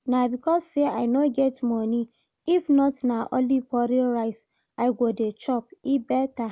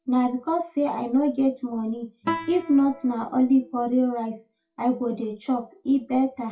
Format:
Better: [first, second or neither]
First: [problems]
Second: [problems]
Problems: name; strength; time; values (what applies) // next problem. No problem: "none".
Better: first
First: none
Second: noise reduction (classical method WPE with log-MMSE)